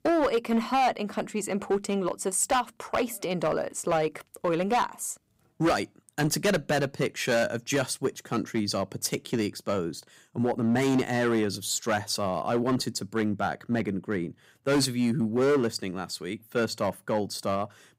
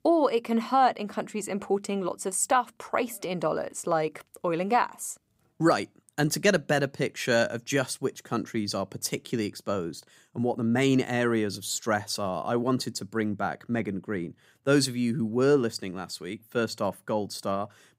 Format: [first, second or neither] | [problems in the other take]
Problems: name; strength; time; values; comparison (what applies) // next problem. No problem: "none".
second | distortion; slight; 6% of the sound clipped